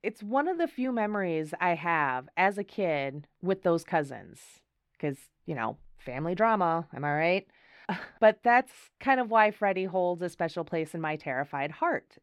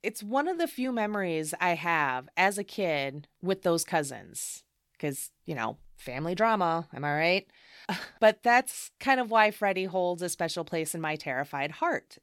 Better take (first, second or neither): second